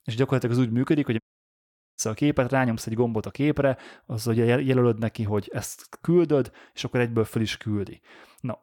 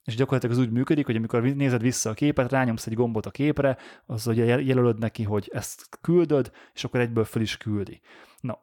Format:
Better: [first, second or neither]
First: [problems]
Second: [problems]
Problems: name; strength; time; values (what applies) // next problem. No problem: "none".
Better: second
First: audio cutting out; at 1 s for 1 s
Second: none